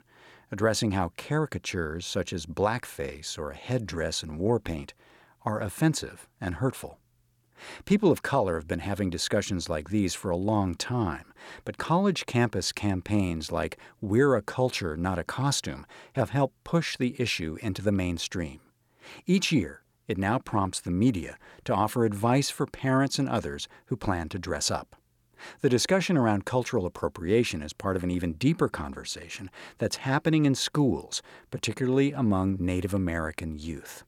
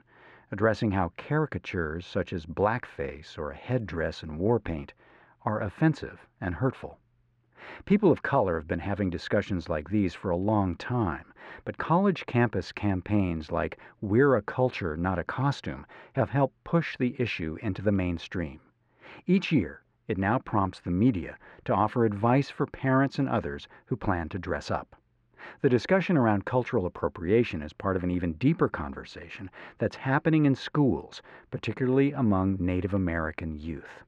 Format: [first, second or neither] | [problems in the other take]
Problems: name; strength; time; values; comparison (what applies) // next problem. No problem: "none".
first | muffled; very; fading above 2 kHz